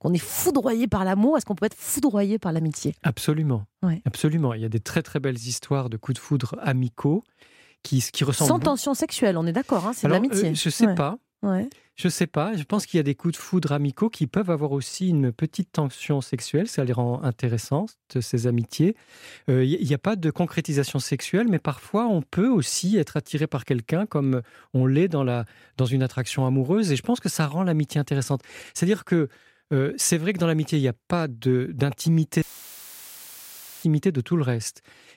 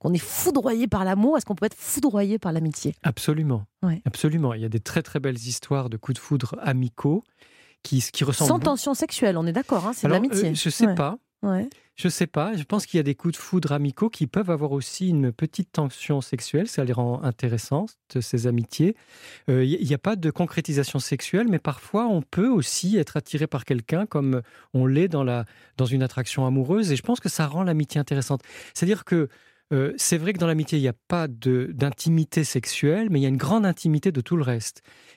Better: second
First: audio cutting out; filled with static; at 32 s for 1.5 s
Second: none

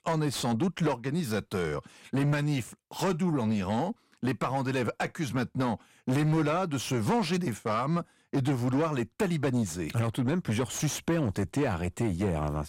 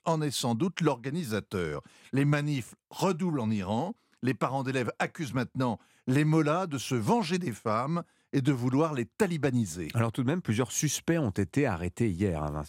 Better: second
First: distortion; slight; 10 dB below the speech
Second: none

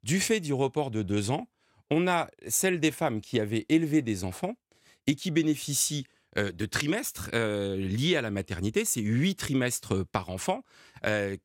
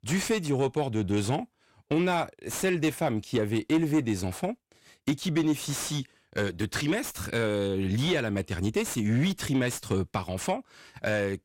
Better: first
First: none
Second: distortion; slight; 10 dB below the speech

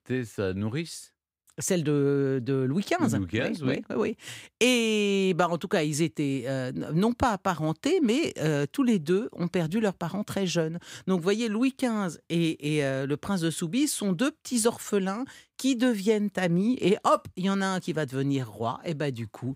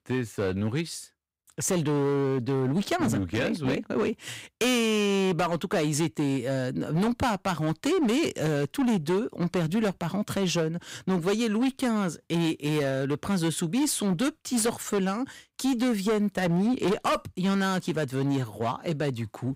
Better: first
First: none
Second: distortion; slight; 15% of the sound clipped

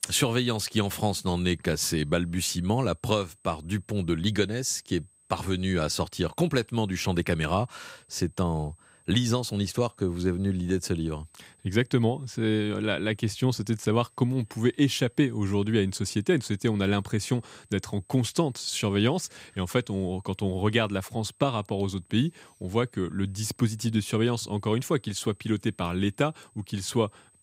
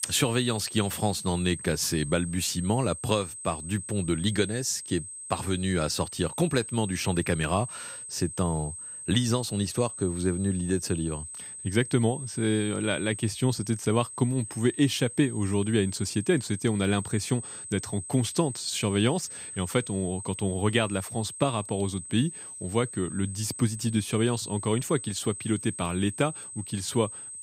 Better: first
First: high-pitched whine; faint; throughout; 8 kHz, 30 dB below the speech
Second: high-pitched whine; loud; throughout; 8 kHz, 10 dB below the speech

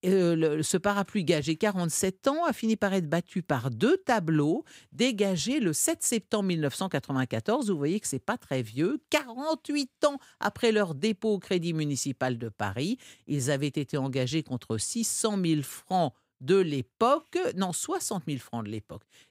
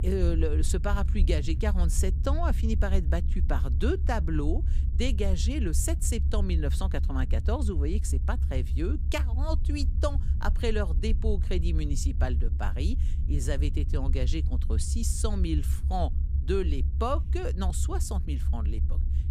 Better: first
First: none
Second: low rumble; noticeable; throughout; 10 dB below the speech

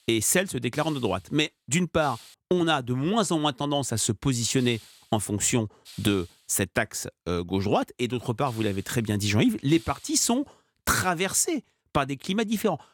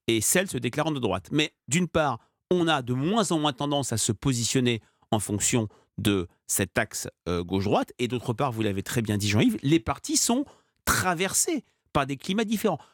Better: second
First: hiss; faint; until 2.5 s, from 4.5 to 6.5 s and from 8.5 to 11 s; 25 dB below the speech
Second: none

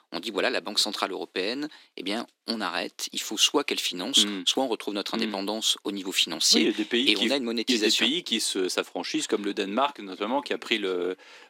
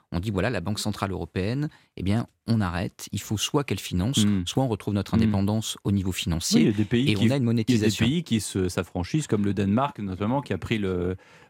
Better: second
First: thin; somewhat; fading below 300 Hz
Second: none

